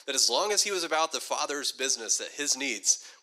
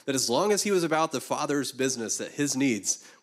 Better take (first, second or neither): second